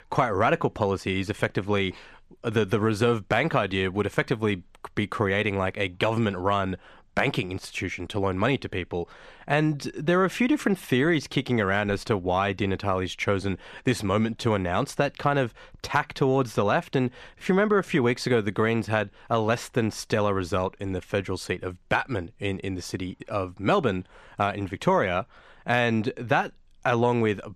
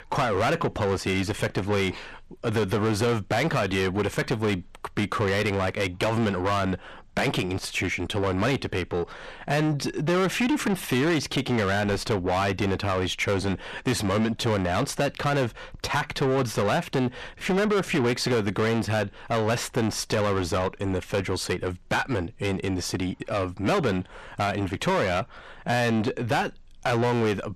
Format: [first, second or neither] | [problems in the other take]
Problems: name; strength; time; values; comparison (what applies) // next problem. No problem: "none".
first | distortion; heavy; 7 dB below the speech